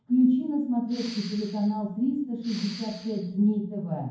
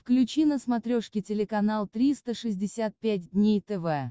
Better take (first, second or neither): second